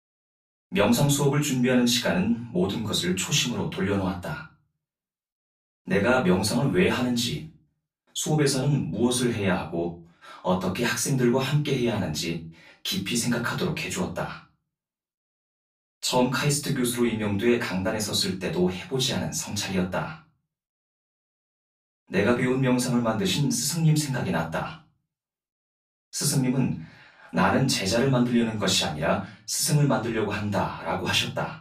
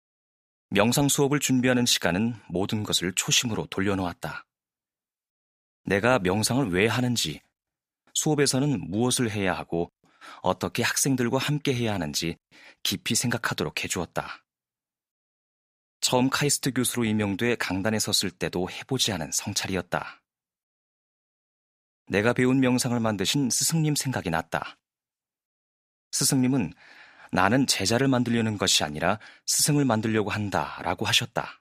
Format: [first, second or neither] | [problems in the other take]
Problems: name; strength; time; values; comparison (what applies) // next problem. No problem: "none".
second | off-mic speech; far // room echo; slight; dies away in 0.3 s